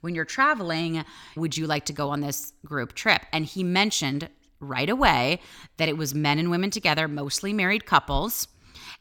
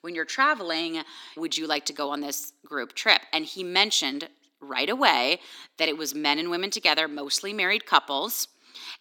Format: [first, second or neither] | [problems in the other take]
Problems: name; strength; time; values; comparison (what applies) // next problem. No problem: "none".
first | thin; somewhat; fading below 250 Hz